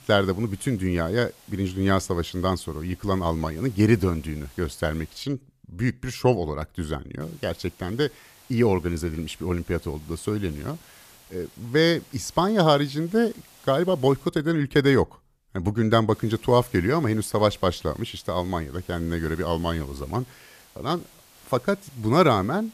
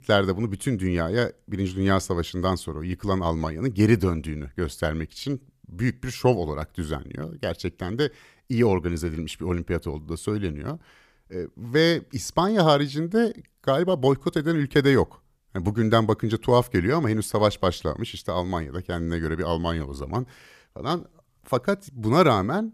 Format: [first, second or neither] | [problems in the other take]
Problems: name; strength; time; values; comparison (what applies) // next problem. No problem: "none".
second | hiss; faint; until 5 s, from 7 to 14 s and from 16 s on; 25 dB below the speech